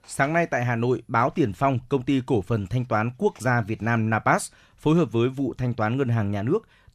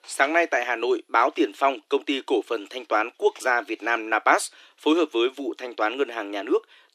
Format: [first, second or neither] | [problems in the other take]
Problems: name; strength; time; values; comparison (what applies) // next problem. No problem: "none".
first | thin; very; fading below 300 Hz